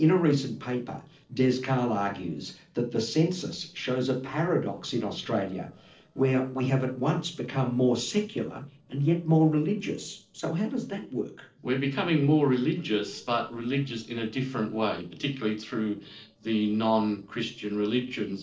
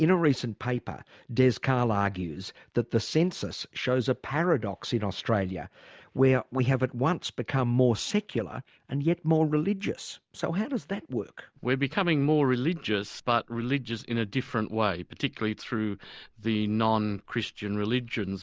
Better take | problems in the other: second | noise reduction (neural separator model SepFormer DNS4)

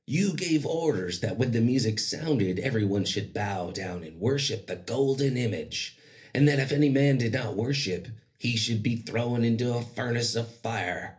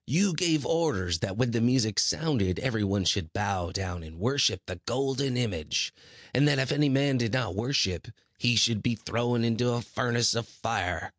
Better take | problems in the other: second | room echo; dies away in 0.3 s

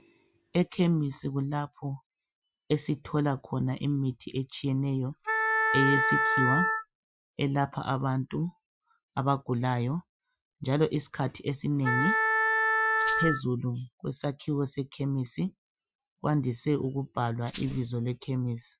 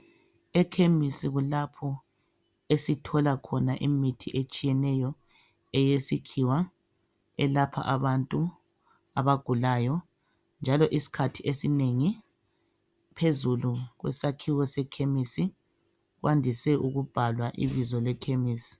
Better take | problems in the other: second | noise reduction (classical method Wiener filter)

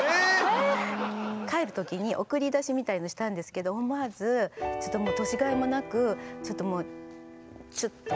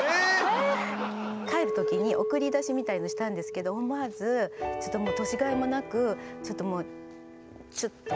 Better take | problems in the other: first | background sound (Chink, clink); 7 dB below the speech

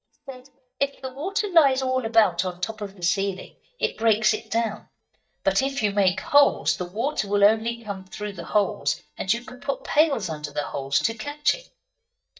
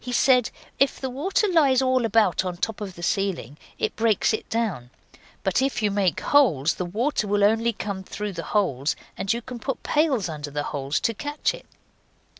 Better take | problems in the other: second | noise reduction (neural mask model DeepFilterNet 3)

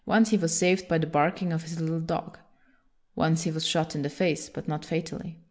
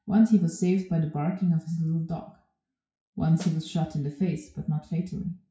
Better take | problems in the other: first | noise reduction (classical method WPE with log-MMSE)

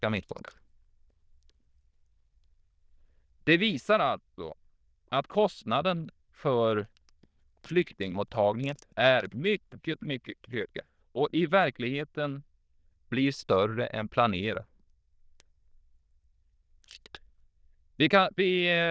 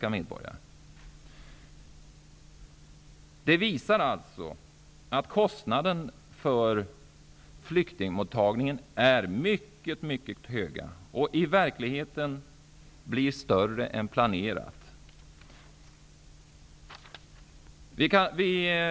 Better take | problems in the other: second | noise reduction (neural diffusion model UNIVERSE++)

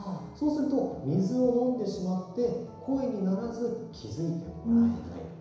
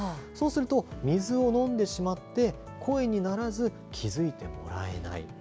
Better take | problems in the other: second | background sound (Brass instrument); 3 dB above the speech // room echo; dies away in 1 s

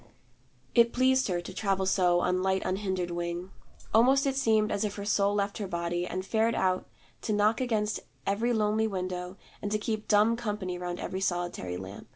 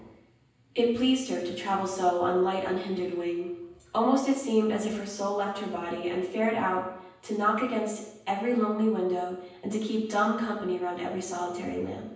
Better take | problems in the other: first | room echo; dies away in 0.9 s

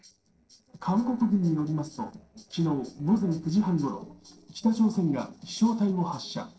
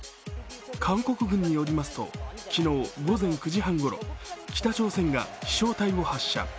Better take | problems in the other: second | noise reduction (neural separator model SepFormer DNS4)

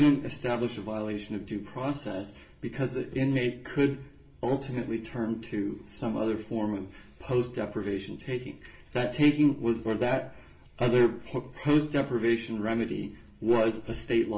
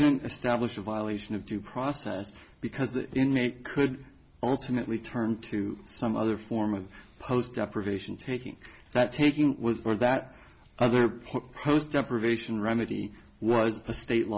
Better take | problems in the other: second | room echo; dies away in 0.4 s

